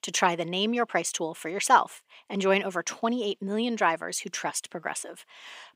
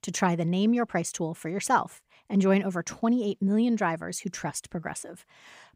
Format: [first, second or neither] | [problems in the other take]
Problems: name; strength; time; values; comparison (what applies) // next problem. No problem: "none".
second | thin; somewhat; fading below 350 Hz